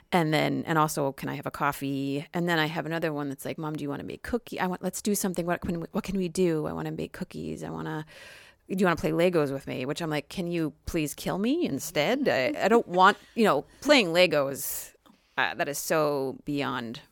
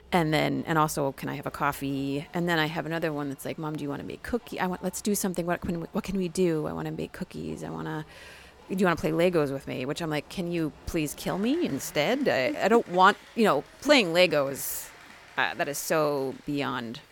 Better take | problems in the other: first | crowd noise; faint; throughout; 25 dB below the speech

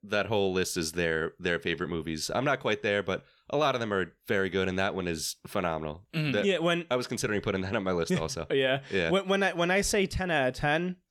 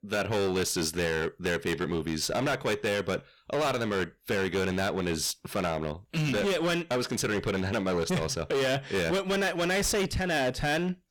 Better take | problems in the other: first | distortion; heavy; 22% of the sound clipped

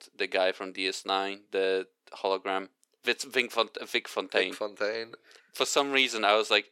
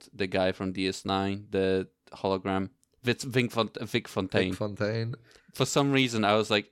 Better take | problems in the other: second | thin; somewhat; fading below 400 Hz

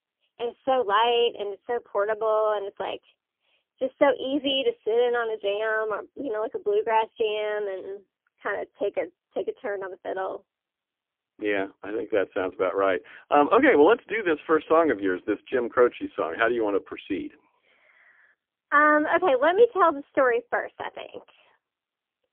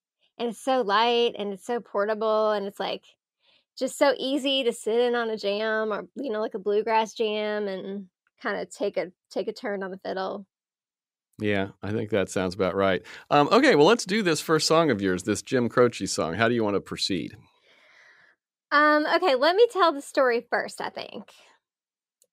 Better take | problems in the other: second | phone-call audio; poor line; nothing above 3.5 kHz

